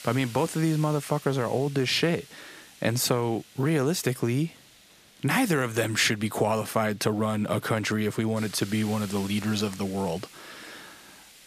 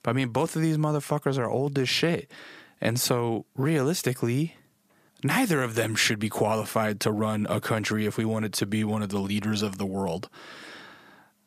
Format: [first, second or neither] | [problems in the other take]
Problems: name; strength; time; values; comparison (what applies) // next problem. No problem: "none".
second | hiss; faint; throughout; 20 dB below the speech